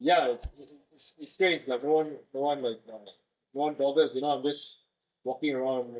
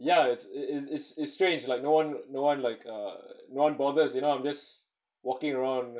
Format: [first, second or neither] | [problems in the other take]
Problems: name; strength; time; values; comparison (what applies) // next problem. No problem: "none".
second | noise reduction (neural mask model DeepFilterNet 3)